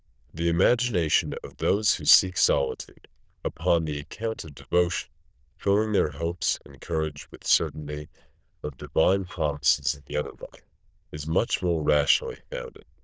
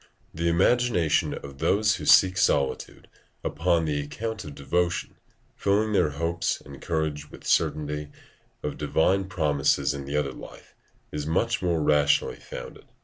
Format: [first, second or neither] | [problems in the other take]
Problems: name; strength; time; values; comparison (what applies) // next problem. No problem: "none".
second | noise reduction (neural diffusion model UNIVERSE++)